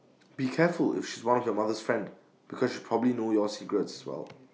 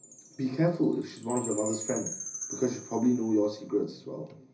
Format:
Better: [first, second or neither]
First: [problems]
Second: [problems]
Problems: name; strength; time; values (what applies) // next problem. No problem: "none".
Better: first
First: none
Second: background sound (Chime); 12 dB below the speech // room echo; dies away in 0.4 s